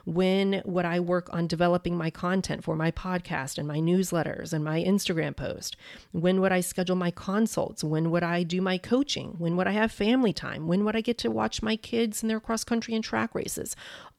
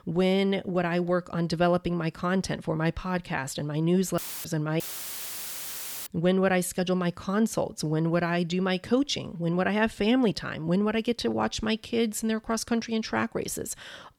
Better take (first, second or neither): first